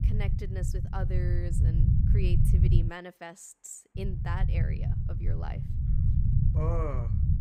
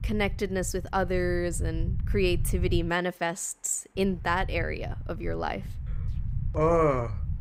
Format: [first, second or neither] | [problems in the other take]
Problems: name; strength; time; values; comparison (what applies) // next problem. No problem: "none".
second | low rumble; loud; until 3 s and from 4 s on; 1 dB below the speech; faint in the second